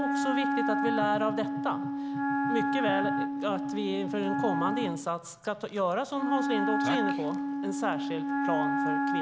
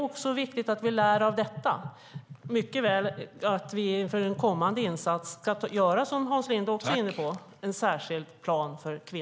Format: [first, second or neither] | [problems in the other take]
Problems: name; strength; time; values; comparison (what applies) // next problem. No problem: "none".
second | background sound (Wind instrument, woodwind instrument); 2 dB above the speech